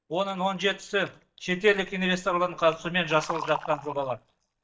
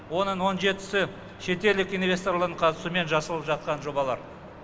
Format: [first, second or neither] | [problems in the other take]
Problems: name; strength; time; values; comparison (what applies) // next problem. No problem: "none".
second | noise reduction (neural mask model DeepFilterNet 3)